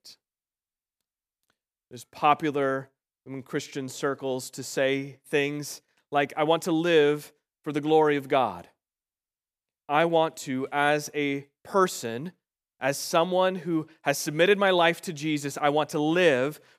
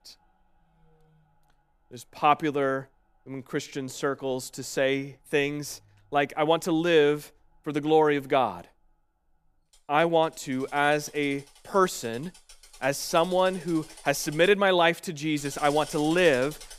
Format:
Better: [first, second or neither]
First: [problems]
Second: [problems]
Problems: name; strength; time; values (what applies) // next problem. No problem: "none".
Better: first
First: none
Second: machinery noise; faint; throughout; 20 dB below the speech